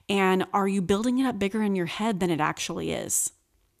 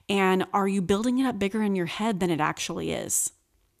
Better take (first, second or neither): neither